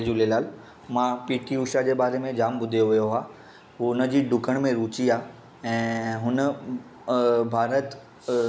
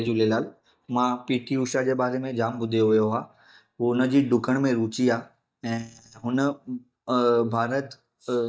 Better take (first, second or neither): first